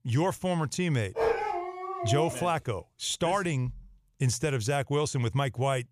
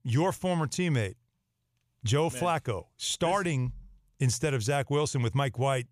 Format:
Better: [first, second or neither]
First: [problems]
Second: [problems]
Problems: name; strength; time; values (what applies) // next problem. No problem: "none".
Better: second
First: dog barking; loud; from 1 to 2.5 s; peak 1 dB above the speech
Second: none